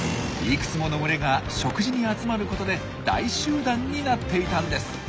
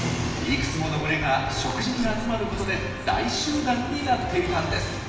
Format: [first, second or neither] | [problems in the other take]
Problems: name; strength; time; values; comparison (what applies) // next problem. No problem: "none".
first | background sound (Chewing, mastication); 18 dB below the speech // room echo; dies away in 1.3 s